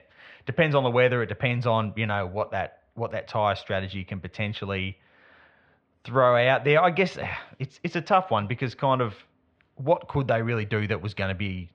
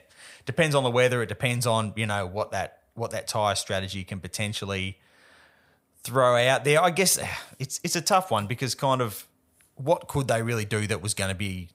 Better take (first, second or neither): second